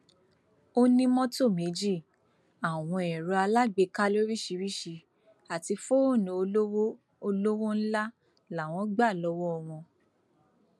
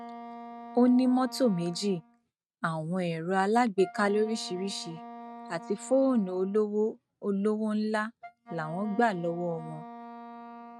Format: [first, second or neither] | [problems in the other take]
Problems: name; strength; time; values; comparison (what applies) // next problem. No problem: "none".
first | noise reduction (neural mask model RNNoise)